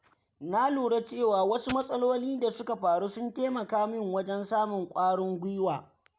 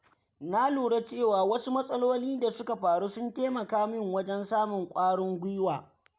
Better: second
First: background sound (Coin (dropping)); 13 dB below the speech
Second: none

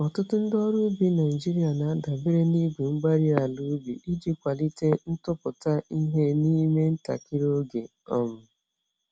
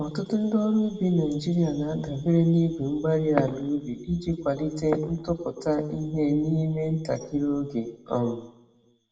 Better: first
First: none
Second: room echo; dies away in 0.6 s

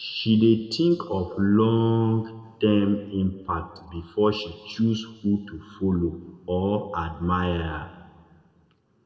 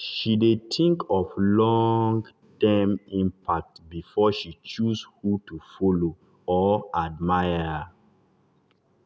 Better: second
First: room echo; dies away in 1.2 s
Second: none

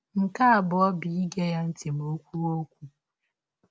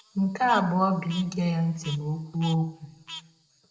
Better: first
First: none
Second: background sound (Frog); 18 dB below the speech // room echo; dies away in 0.8 s

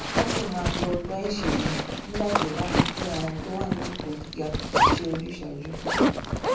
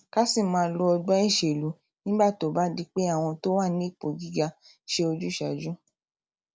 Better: second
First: background sound (Zipper (clothing)); 5 dB above the speech // room echo; dies away in 0.6 s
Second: none

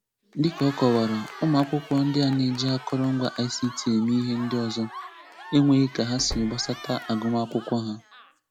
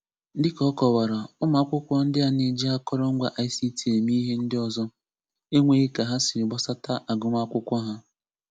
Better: second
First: background sound (Cheering + Slam); 16 dB below the speech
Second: none

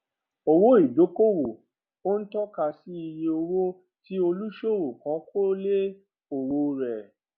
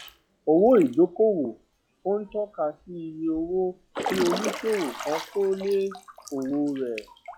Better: first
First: none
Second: noise reduction (classical method log-MMSE)

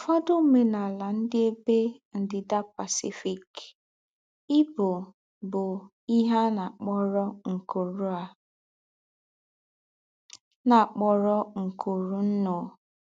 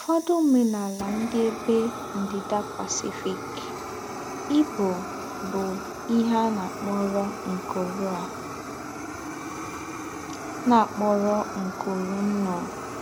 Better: first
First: none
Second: background sound (Fire); 8 dB below the speech

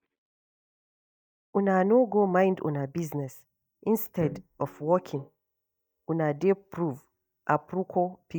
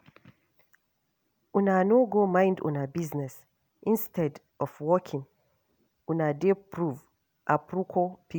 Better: second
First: noise reduction (neural mask model DeepFilterNet 3)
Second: none

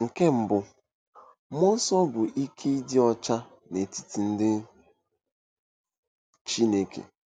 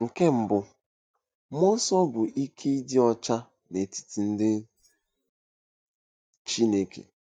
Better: first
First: none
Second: noise reduction (neural mask model DeepFilterNet 3)

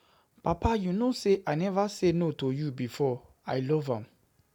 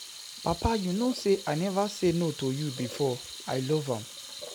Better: first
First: none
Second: background sound (Sink (filling or washing) / Water tap, faucet); 13 dB below the speech

